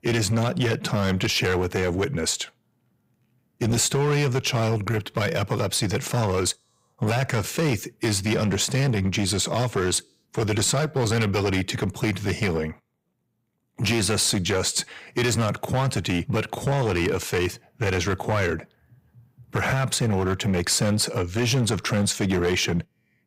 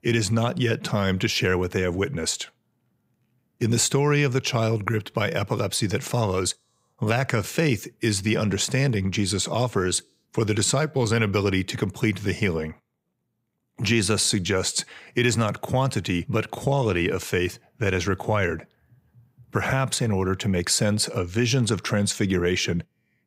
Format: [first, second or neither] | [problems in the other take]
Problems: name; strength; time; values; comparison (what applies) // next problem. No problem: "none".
second | distortion; slight; 11% of the sound clipped